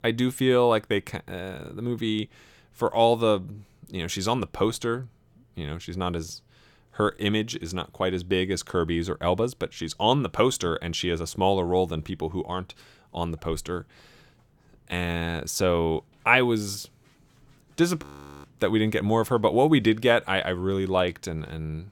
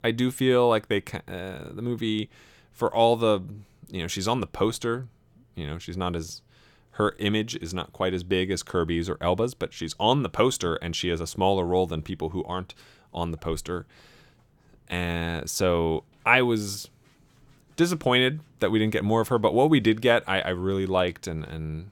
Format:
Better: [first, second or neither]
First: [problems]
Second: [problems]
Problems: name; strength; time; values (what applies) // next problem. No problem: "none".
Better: second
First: audio freezing; at 18 s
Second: none